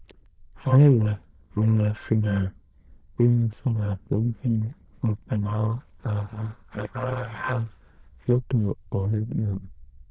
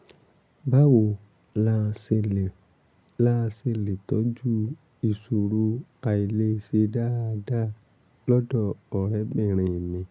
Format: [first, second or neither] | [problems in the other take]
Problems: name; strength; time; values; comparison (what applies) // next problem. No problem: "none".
second | noise reduction (neural diffusion model UNIVERSE++)